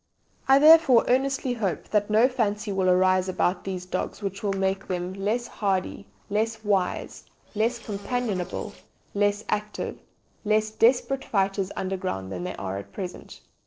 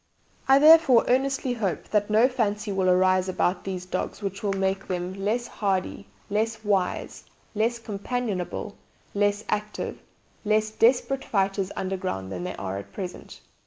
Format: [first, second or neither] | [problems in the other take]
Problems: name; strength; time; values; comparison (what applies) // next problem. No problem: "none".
second | noise reduction (neural separator model SepFormer DNS4)